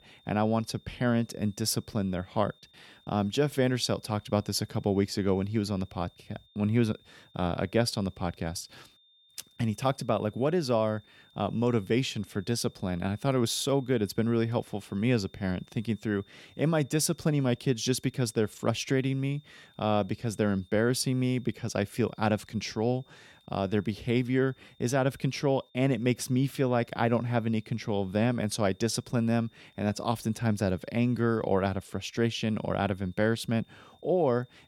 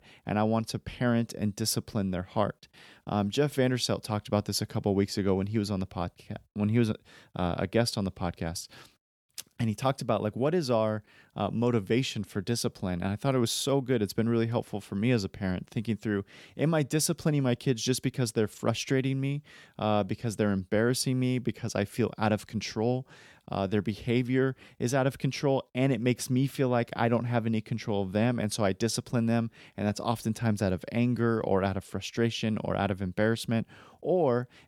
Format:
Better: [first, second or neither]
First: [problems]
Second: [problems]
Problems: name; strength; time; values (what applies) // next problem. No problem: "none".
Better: second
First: high-pitched whine; faint; throughout; 3.5 kHz, 30 dB below the speech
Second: none